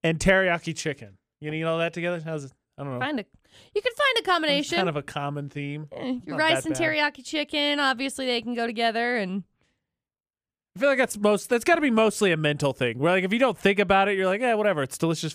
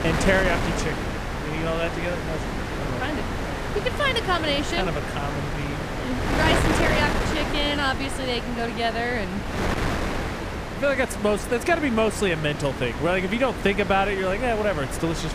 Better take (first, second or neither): first